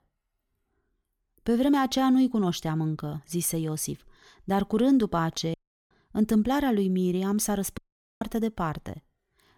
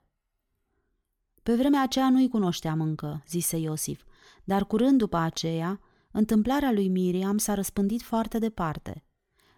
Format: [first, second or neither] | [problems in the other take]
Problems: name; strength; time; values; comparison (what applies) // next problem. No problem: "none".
second | audio cutting out; at 5.5 s and at 8 s